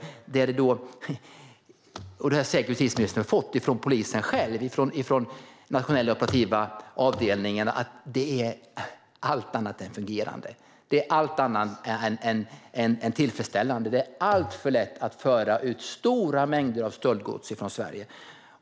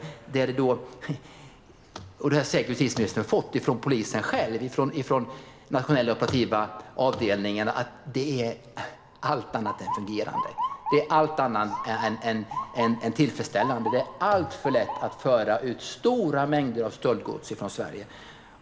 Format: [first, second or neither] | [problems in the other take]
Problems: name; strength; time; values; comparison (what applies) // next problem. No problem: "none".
first | background sound (Motor vehicle (road) / Siren); 12 dB below the speech // room echo; dies away in 1.2 s